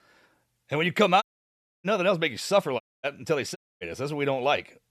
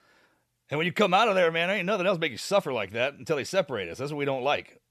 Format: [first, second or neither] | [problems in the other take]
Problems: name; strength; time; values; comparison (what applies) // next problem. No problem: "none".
second | audio cutting out; at 1 s for 0.5 s, at 3 s and at 3.5 s